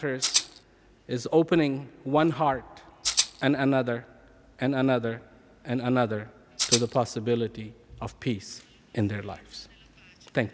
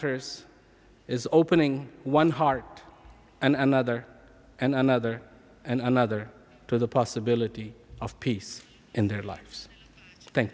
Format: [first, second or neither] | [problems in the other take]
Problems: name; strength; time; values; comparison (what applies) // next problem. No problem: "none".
second | background sound (Rattle (instrument)); 1 dB above the speech